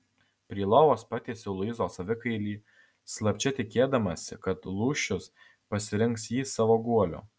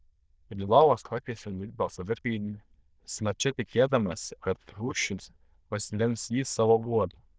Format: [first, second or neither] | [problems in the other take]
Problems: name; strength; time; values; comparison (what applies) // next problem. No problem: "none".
first | noise reduction (neural diffusion model UNIVERSE++)